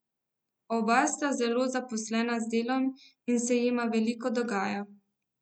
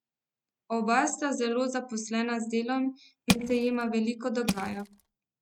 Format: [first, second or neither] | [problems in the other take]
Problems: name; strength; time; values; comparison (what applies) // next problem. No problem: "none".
first | noise reduction (neural mask model RNNoise)